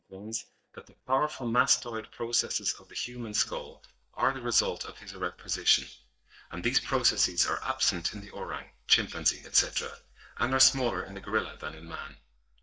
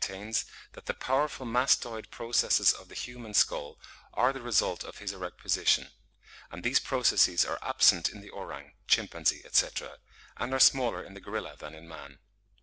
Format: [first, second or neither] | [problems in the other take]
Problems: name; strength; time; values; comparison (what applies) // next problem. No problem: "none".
second | noise reduction (neural mask model DeepFilterNet 3)